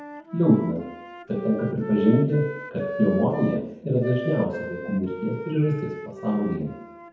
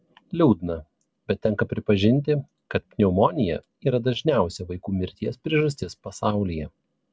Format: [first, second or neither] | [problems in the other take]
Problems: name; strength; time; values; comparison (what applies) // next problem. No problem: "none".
second | background sound (Wind instrument, woodwind instrument); 11 dB below the speech // room echo; dies away in 1 s